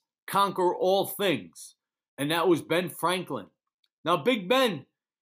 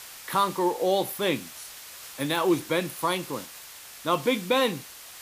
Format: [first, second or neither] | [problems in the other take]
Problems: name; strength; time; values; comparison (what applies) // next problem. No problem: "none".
first | hiss; noticeable; throughout; 15 dB below the speech